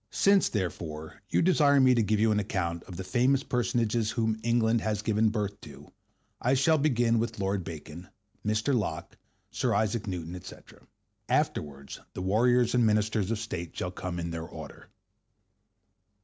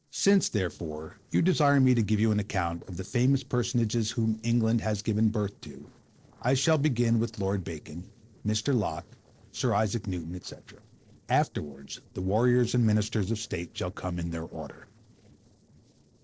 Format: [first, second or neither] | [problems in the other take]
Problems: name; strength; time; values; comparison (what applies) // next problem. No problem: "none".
first | noise reduction (neural separator model SepFormer DNS4)